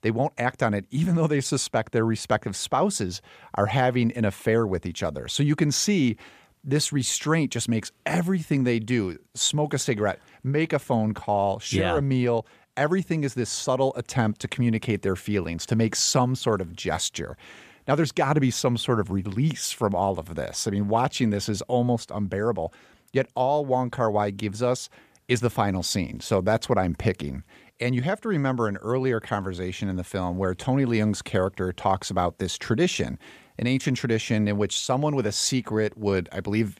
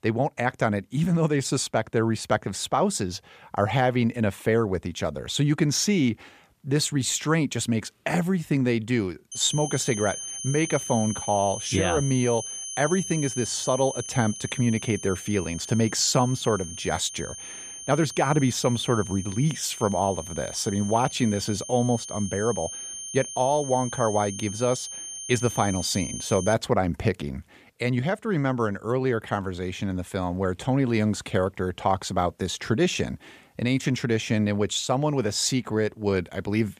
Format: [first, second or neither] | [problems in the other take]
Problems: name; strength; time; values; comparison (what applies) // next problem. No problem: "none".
first | high-pitched whine; loud; from 9.5 to 27 s; 6.5 kHz, 9 dB below the speech